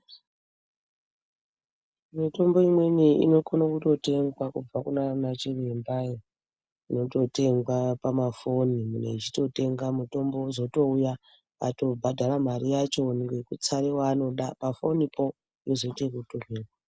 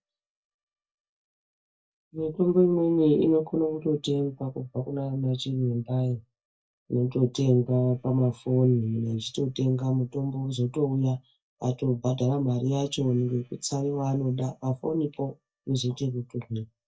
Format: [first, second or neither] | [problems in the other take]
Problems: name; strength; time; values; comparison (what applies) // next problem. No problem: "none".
first | noise reduction (neural mask model DeepFilterNet 3)